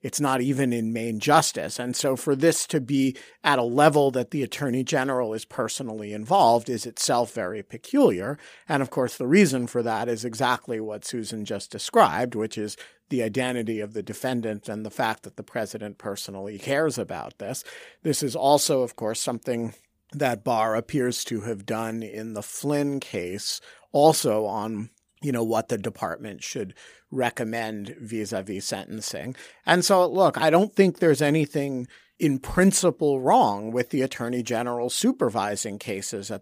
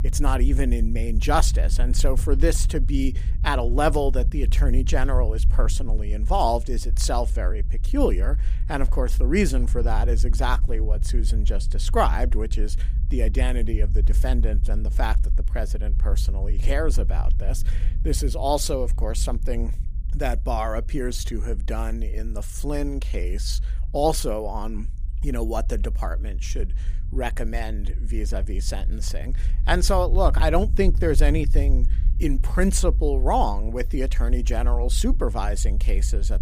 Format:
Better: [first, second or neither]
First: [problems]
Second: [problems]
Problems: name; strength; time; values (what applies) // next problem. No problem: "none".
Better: first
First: none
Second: low rumble; noticeable; throughout; 20 dB below the speech